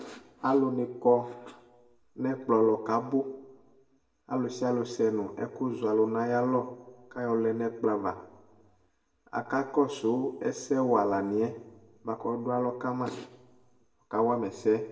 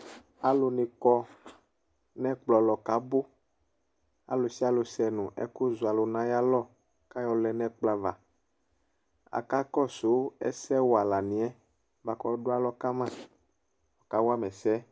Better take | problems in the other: second | room echo; dies away in 0.7 s

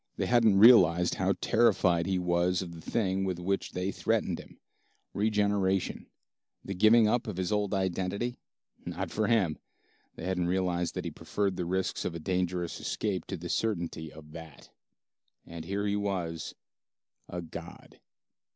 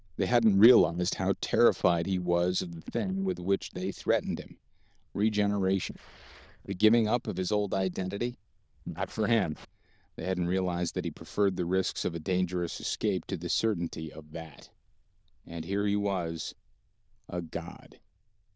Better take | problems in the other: first | noise reduction (neural diffusion model UNIVERSE++)

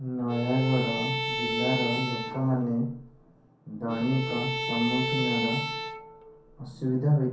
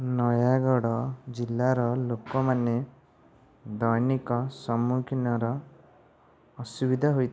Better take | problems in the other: second | background sound (Bowed string instrument); 4 dB below the speech // room echo; dies away in 0.6 s

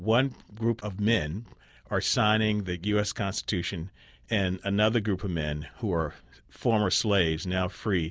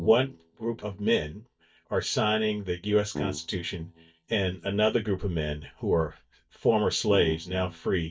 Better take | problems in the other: first | noise reduction (neural mask model DeepFilterNet 3)

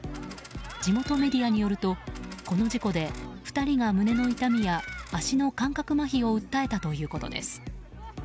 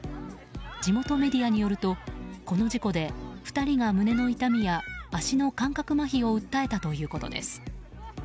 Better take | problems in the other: second | background sound (Coin (dropping) + Alarm); 20 dB below the speech

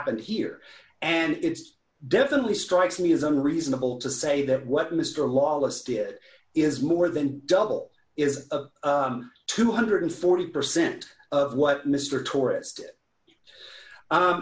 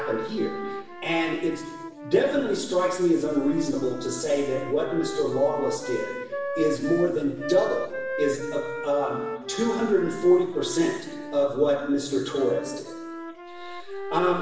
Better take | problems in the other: first | background sound (Wind instrument, woodwind instrument); 9 dB below the speech // room echo; dies away in 1.1 s

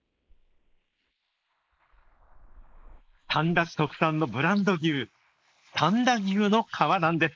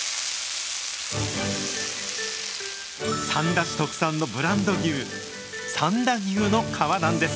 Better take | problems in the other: second | noise reduction (neural mask model Resemble Enhance denoiser)

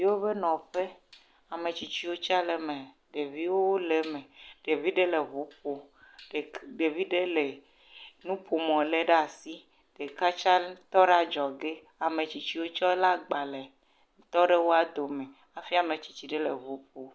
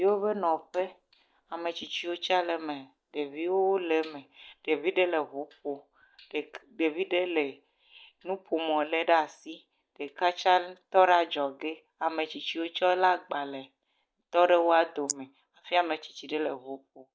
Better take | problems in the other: first | noise reduction (neural mask model DeepFilterNet 3)

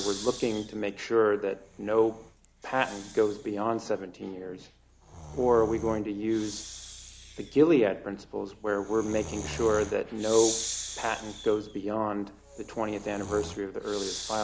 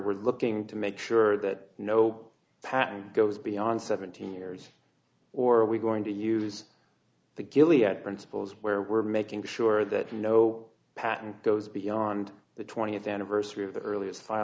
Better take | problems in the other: second | background sound (Breathing); 12 dB below the speech

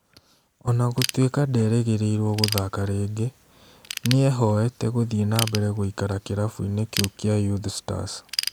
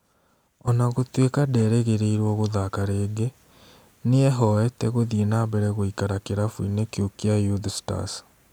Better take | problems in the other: second | background sound (Ratchet, pawl / Tools); 11 dB below the speech

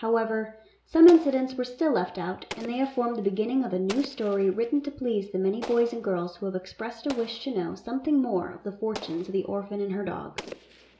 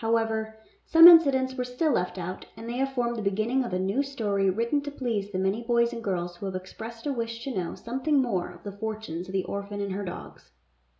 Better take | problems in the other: second | background sound (Explosion); 19 dB below the speech

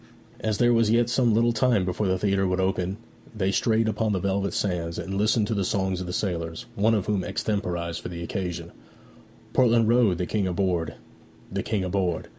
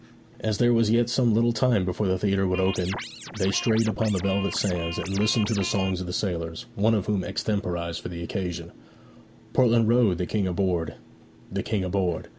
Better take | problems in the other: first | background sound (Scratching (performance technique)); 11 dB below the speech

